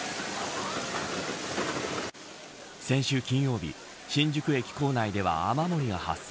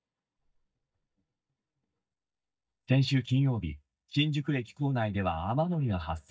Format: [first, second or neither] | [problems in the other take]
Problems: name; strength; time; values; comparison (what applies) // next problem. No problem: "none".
first | noise reduction (neural mask model DeepFilterNet 3)